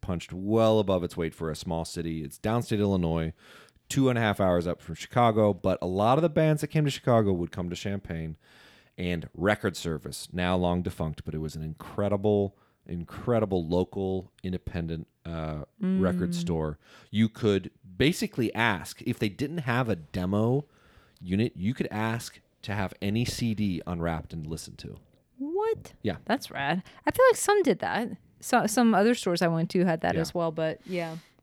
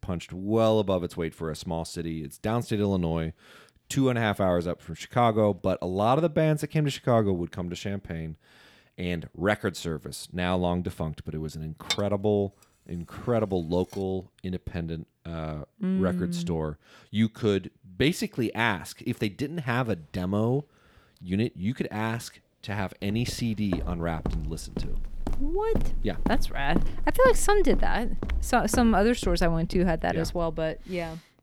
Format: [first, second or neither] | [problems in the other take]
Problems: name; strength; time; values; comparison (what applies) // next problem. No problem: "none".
first | clattering dishes; noticeable; at 12 s; peak 3 dB below the speech // footsteps; noticeable; from 24 to 31 s; peak 4 dB below the speech